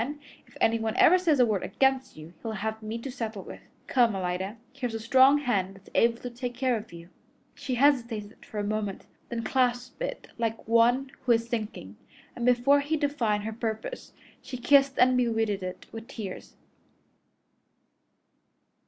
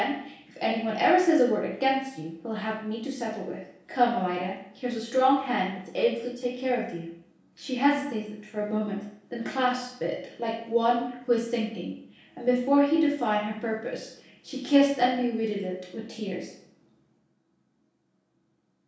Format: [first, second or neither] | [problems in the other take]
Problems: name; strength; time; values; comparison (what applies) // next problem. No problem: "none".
first | room echo; dies away in 0.6 s